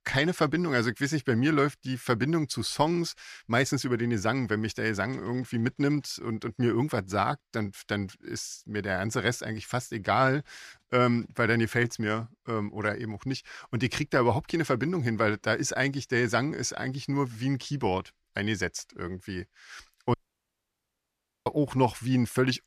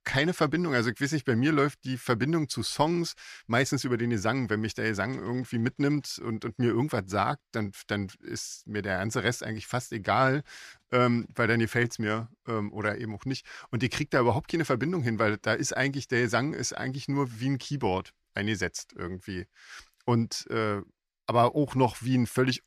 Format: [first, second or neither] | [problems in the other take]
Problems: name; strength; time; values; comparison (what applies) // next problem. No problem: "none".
second | audio cutting out; at 20 s for 1.5 s